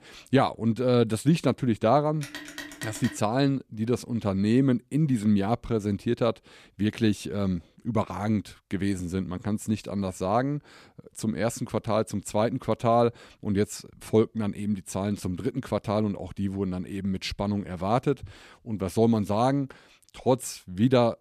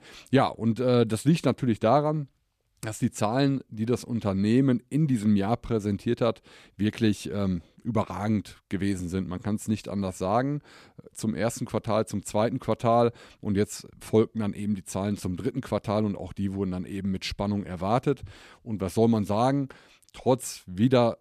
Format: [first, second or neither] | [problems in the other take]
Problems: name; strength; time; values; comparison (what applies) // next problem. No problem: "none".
second | phone ringing; faint; at 2 s; peak 10 dB below the speech